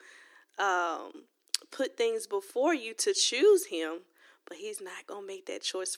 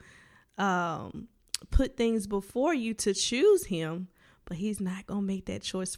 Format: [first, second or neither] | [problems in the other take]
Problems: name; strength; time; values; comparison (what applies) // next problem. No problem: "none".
second | thin; very; fading below 300 Hz